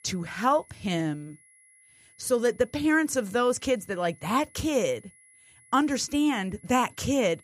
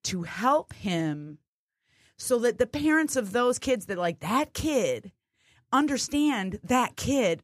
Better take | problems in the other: second | high-pitched whine; faint; throughout; 10.5 kHz, 30 dB below the speech

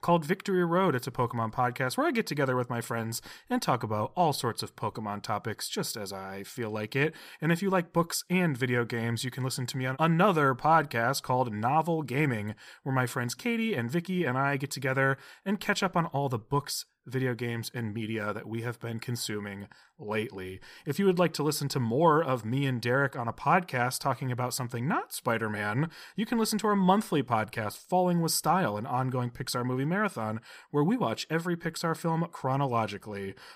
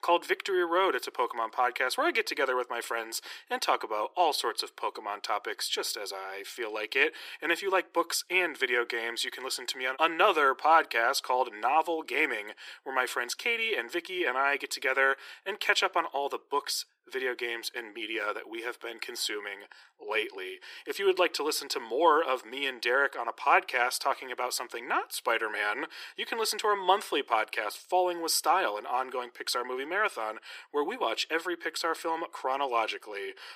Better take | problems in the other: first | thin; very; fading below 350 Hz

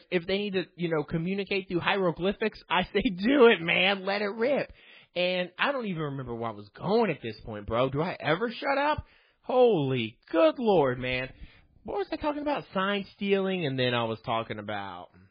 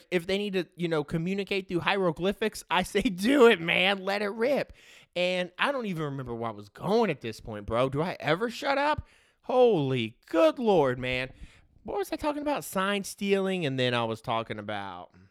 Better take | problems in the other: second | garbled, watery; badly; nothing above 4.5 kHz

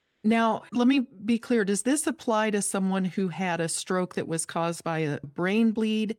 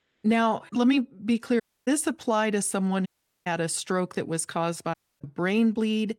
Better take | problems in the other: first | audio cutting out; at 1.5 s, at 3 s and at 5 s

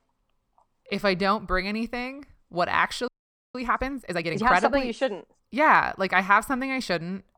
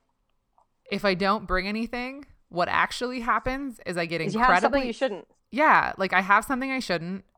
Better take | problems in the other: second | audio freezing; at 3 s

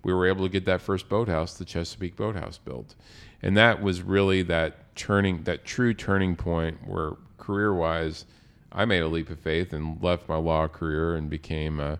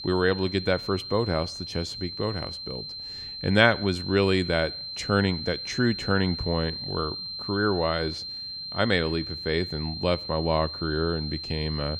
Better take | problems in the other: first | high-pitched whine; loud; throughout; 4 kHz, 7 dB below the speech

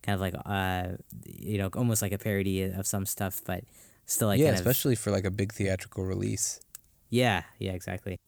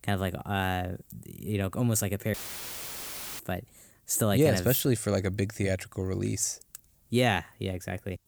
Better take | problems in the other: first | audio cutting out; filled with static; at 2.5 s for 1 s

